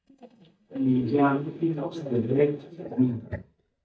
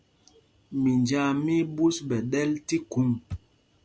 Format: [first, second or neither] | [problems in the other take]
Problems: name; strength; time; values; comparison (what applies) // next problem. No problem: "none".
second | noise reduction (neural mask model DeepFilterNet 3)